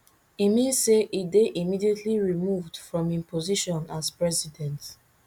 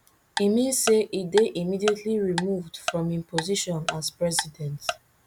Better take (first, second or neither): first